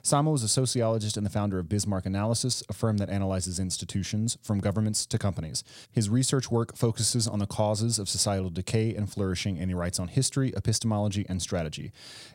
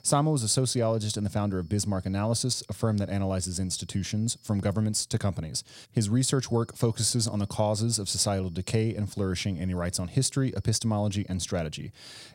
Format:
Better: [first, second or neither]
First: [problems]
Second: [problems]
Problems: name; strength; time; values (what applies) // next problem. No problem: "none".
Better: first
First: none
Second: high-pitched whine; faint; until 5 s and from 6 to 11 s; 5 kHz, 35 dB below the speech